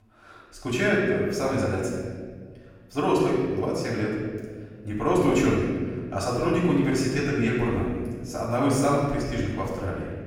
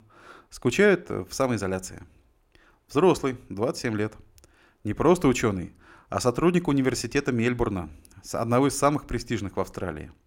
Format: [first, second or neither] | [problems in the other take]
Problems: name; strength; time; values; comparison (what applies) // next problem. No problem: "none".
second | off-mic speech; far // room echo; noticeable; dies away in 1.7 s